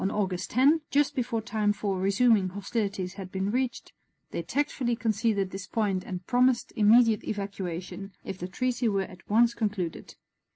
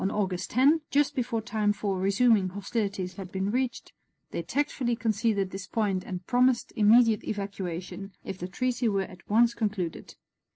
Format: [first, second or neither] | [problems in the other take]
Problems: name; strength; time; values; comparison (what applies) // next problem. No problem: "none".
first | noise reduction (neural separator model SepFormer DNS4)